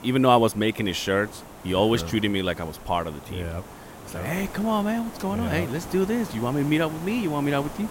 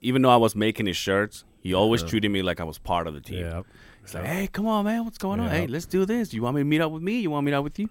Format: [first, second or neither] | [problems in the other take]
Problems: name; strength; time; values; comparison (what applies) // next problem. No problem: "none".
second | hiss; noticeable; throughout; 15 dB below the speech